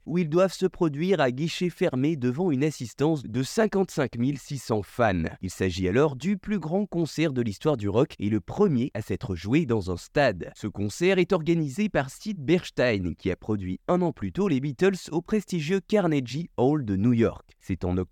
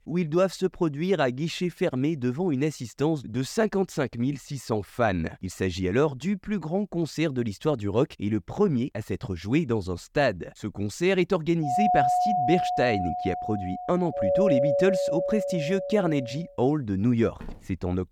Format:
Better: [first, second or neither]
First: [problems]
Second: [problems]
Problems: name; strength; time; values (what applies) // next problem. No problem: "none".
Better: first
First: none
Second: doorbell; loud; from 12 to 16 s; peak 5 dB above the speech // footsteps; faint; at 17 s; peak 20 dB below the speech